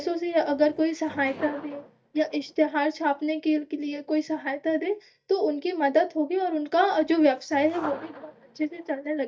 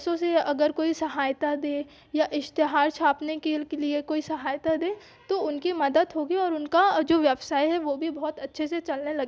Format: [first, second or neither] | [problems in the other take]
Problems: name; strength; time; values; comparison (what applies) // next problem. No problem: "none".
second | noise reduction (neural mask model DeepFilterNet 3)